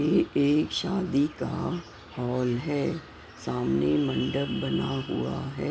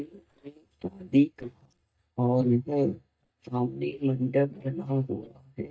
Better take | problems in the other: first | noise reduction (neural mask model DeepFilterNet 3)

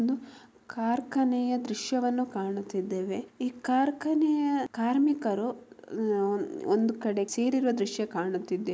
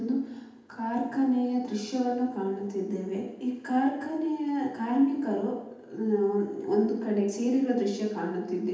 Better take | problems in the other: first | room echo; dies away in 0.8 s

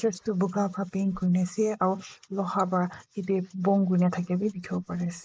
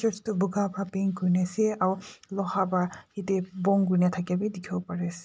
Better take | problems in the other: second | noise reduction (neural mask model Resemble Enhance denoiser)

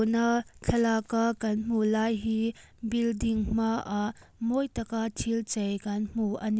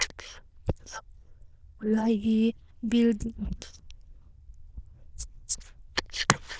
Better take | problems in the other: first | noise reduction (neural diffusion model UNIVERSE++)

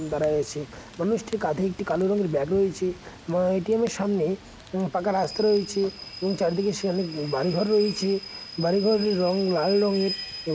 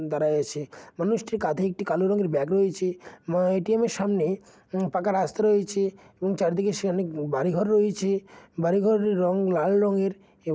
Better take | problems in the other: second | background sound (Rain / Train); 14 dB below the speech

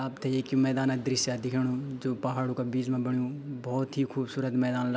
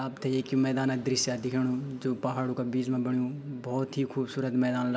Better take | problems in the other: first | room echo; dies away in 0.3 s

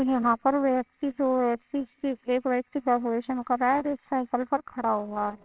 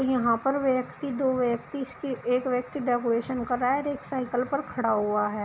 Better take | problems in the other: second | noise reduction (neural separator model SepFormer WHAMR!)

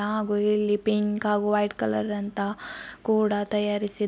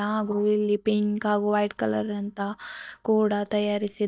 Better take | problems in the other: first | noise reduction (neural mask model DeepFilterNet 3)

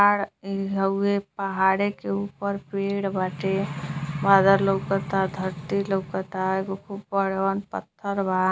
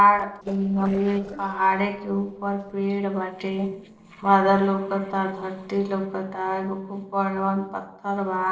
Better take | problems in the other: first | noise reduction (neural separator model SepFormer DNS4)

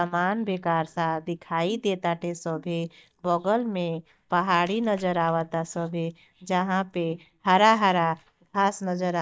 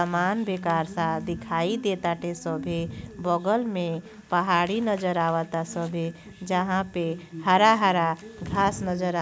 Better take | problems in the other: second | noise reduction (neural mask model DeepFilterNet 3)

